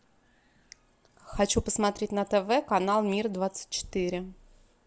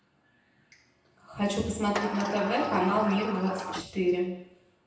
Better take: first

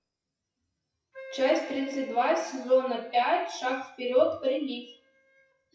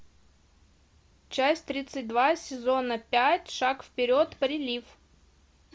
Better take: second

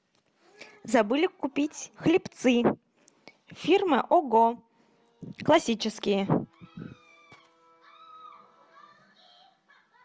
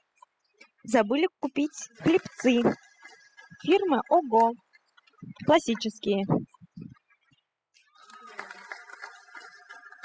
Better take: first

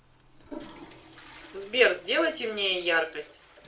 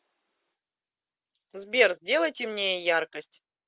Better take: second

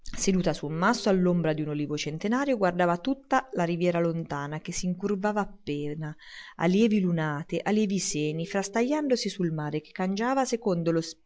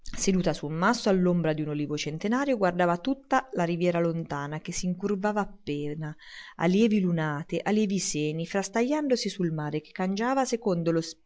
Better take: second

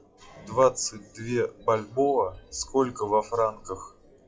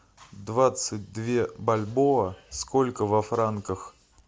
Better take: second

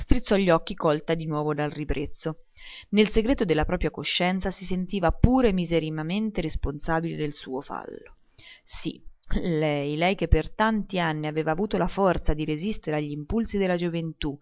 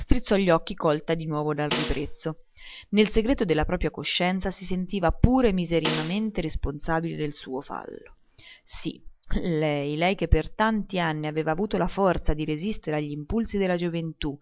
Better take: first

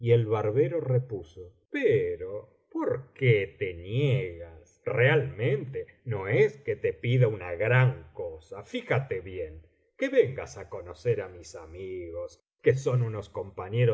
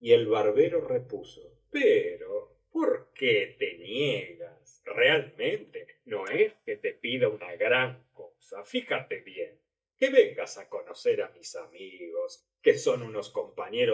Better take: first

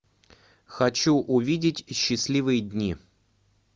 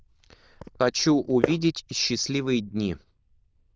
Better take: first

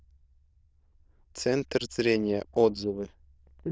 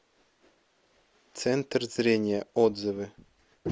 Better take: second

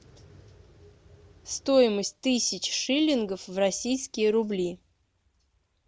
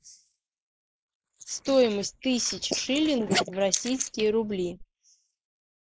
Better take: first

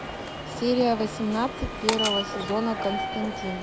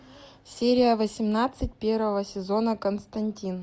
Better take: second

